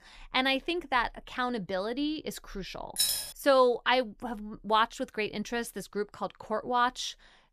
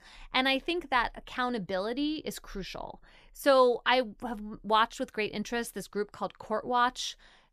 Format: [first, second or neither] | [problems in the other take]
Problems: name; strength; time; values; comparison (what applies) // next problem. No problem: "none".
second | jangling keys; loud; at 3 s; peak 3 dB above the speech